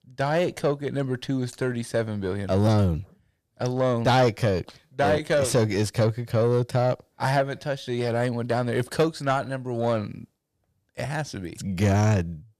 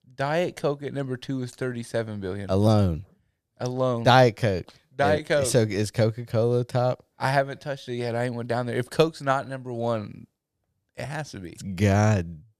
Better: second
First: distortion; slight; 10 dB below the speech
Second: none

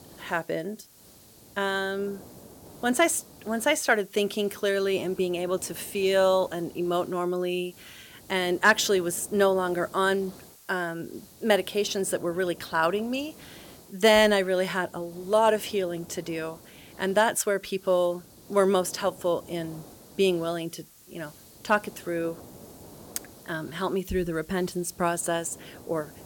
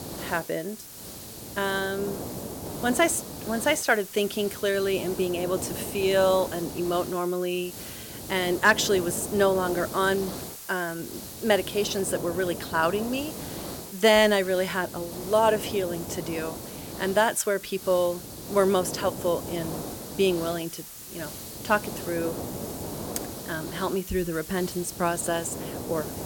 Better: first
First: hiss; faint; throughout; 20 dB below the speech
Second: hiss; loud; throughout; 10 dB below the speech

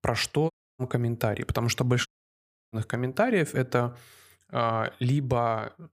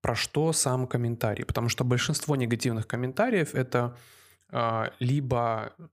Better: second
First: audio cutting out; at 0.5 s and at 2 s for 0.5 s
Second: none

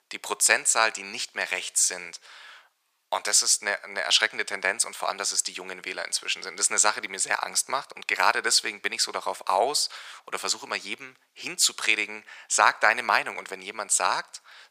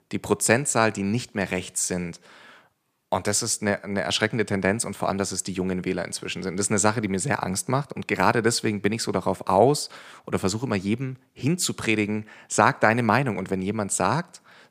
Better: second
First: thin; very; fading below 850 Hz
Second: none

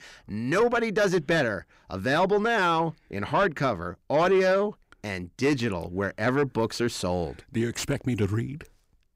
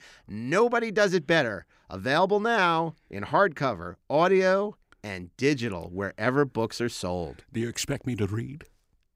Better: second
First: distortion; slight; 10 dB below the speech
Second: none

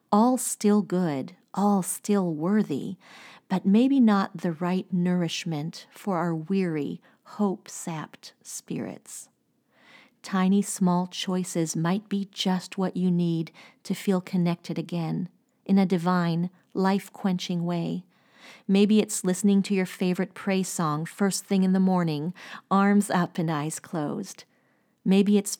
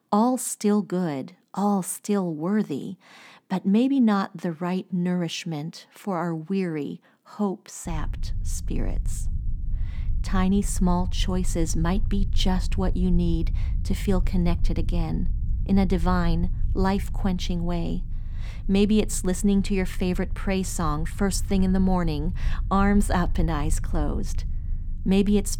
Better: first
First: none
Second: low rumble; faint; from 8 s on; 20 dB below the speech

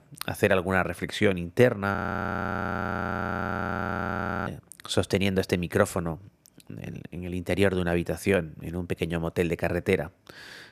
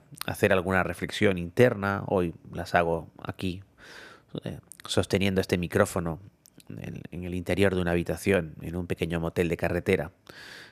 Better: second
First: audio freezing; at 2 s for 2.5 s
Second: none

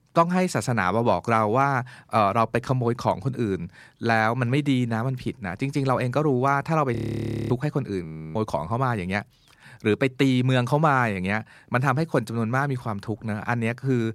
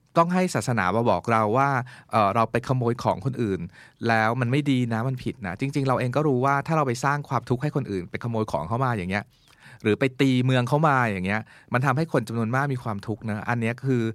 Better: second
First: audio freezing; at 7 s for 0.5 s and at 8 s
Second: none

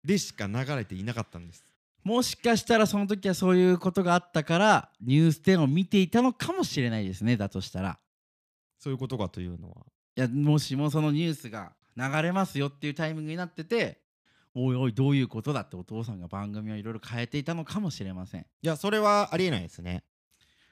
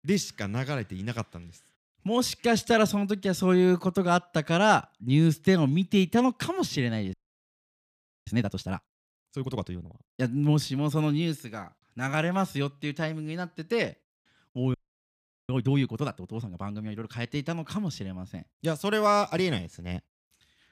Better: first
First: none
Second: audio freezing; at 7 s for 1 s and at 15 s for 1 s

